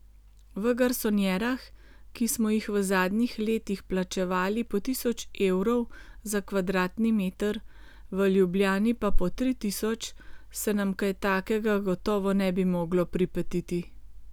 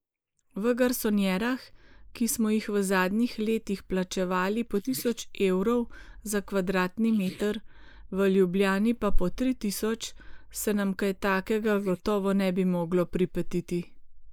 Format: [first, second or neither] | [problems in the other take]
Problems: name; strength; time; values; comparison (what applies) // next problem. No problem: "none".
first | noise reduction (neural mask model Resemble Enhance denoiser)